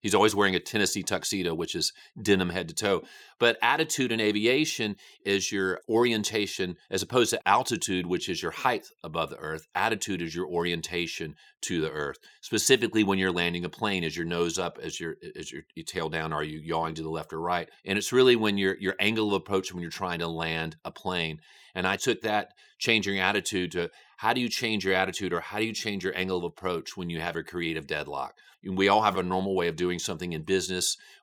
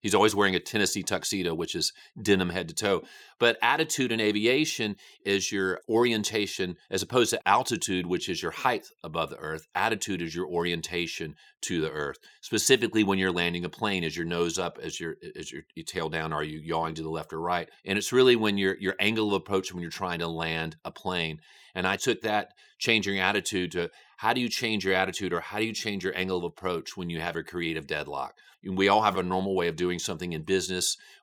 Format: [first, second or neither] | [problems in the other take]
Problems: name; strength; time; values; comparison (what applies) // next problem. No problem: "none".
neither | none